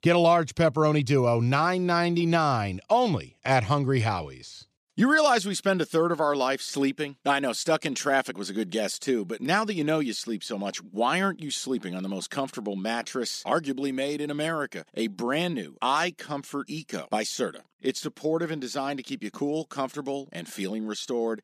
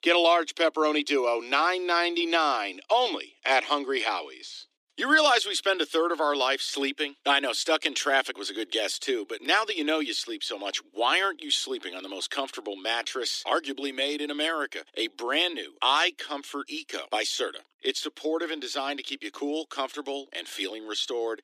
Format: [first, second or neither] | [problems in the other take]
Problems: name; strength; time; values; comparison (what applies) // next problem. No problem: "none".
first | thin; somewhat; fading below 300 Hz